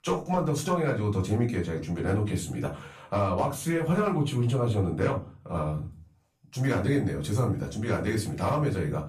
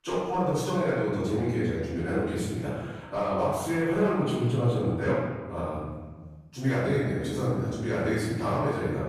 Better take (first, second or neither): first